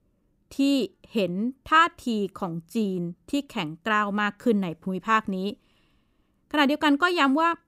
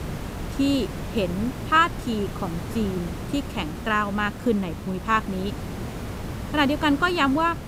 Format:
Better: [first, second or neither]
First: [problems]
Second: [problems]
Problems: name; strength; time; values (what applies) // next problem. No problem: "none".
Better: first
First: none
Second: hiss; loud; throughout; 9 dB below the speech